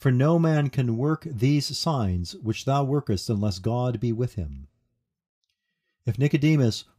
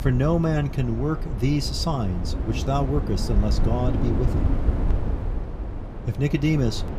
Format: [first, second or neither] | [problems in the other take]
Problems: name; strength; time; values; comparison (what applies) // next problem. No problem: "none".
first | wind noise on the microphone; heavy; 8 dB below the speech